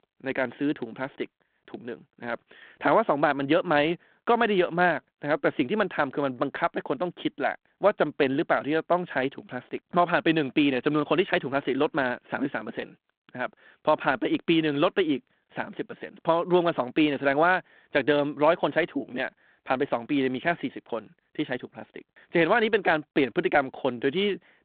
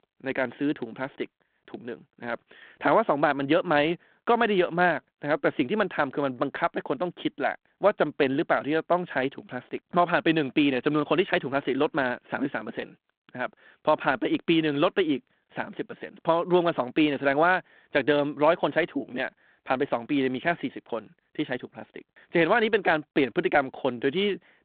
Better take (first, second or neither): neither